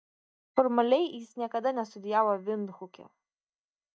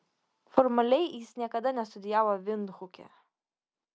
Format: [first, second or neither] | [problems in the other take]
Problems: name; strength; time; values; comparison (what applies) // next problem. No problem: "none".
second | noise reduction (neural mask model DeepFilterNet 3)